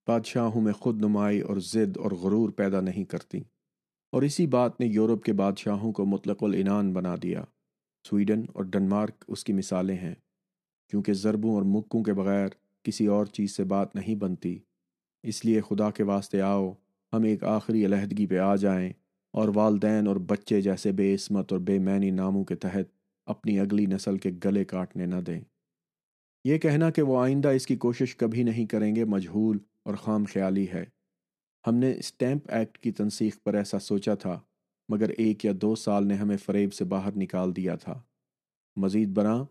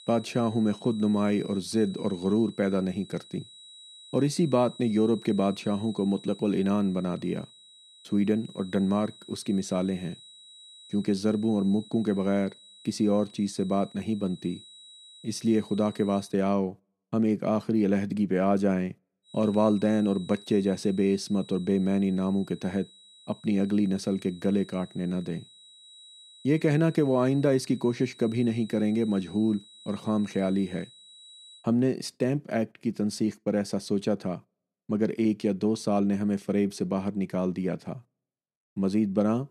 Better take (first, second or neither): first